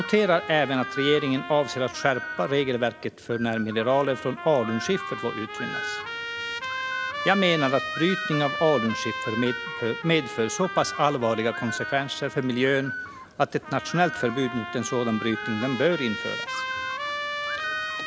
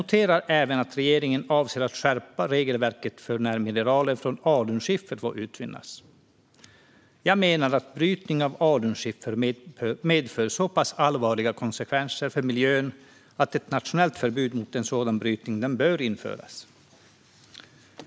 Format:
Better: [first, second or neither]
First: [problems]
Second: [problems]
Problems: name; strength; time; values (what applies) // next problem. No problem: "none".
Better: second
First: background sound (Bird + Trumpet); 7 dB below the speech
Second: none